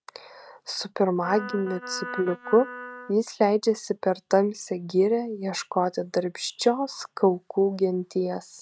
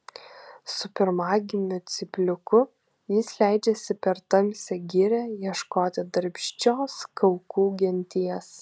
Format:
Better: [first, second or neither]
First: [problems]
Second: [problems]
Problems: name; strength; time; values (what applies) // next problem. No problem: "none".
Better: second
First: noise reduction (neural mask model RNNoise)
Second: none